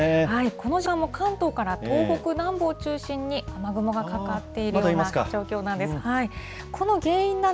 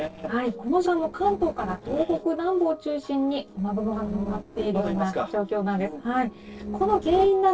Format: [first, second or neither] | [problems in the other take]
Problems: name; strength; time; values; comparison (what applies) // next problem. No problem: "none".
first | noise reduction (neural separator model SepFormer DNS4)